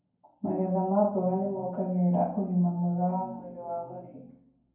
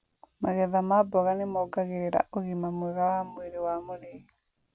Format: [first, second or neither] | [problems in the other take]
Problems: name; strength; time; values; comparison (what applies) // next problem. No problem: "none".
second | room echo; dies away in 0.9 s